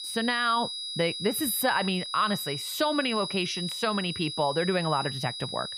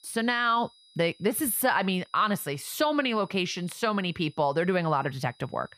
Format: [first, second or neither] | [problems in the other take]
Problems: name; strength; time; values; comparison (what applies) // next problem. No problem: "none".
second | high-pitched whine; loud; throughout; 4 kHz, 5 dB below the speech; faint in the second